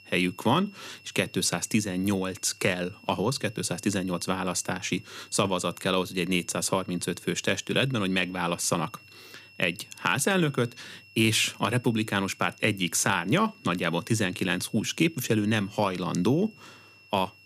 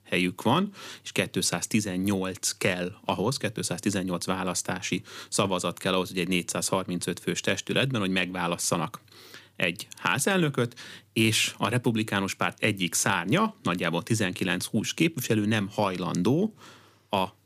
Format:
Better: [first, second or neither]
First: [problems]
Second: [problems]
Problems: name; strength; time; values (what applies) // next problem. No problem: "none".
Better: second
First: high-pitched whine; faint; throughout; 2.5 kHz, 25 dB below the speech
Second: none